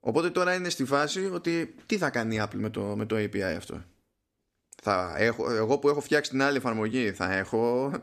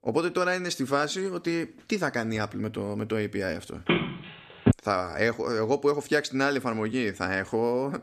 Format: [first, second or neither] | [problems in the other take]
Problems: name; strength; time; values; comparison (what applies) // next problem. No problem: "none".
first | phone ringing; loud; at 4 s; peak 2 dB above the speech